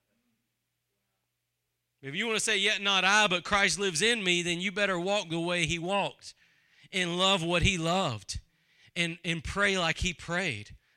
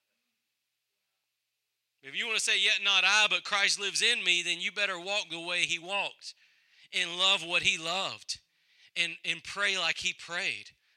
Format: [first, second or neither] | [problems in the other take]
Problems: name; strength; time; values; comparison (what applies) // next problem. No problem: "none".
first | thin; somewhat; fading below 850 Hz